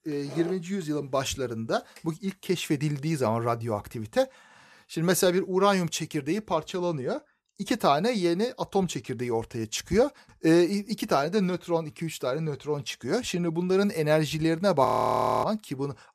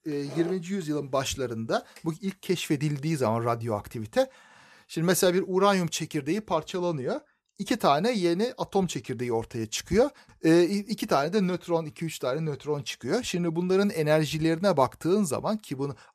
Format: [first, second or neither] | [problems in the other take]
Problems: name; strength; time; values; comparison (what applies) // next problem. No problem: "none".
second | audio freezing; at 15 s for 0.5 s